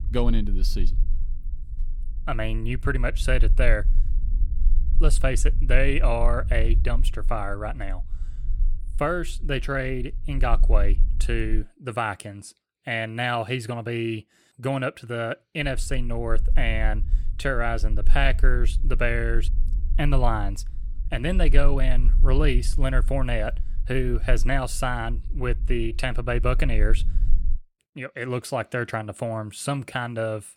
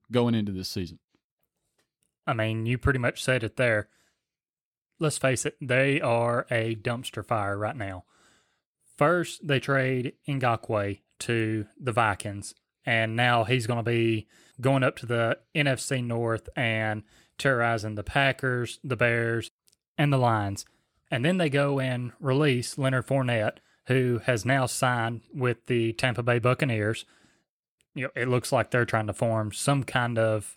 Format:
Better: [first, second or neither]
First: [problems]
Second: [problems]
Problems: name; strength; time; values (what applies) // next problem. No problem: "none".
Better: second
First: low rumble; faint; until 12 s and from 16 to 28 s; 20 dB below the speech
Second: none